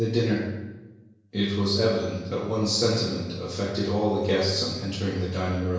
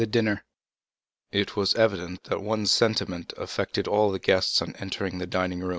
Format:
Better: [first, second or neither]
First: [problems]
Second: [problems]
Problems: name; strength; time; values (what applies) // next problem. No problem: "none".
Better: second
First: room echo; dies away in 1 s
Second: none